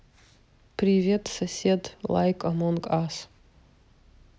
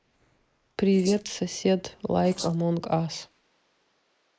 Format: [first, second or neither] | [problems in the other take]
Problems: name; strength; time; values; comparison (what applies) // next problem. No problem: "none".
first | noise reduction (neural mask model Resemble Enhance denoiser)